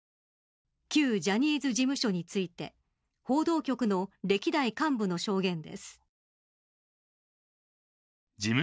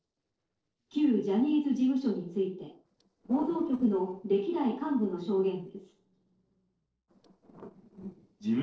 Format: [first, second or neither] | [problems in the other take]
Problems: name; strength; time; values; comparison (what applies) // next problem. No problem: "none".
first | noise reduction (neural separator model SepFormer DNS4)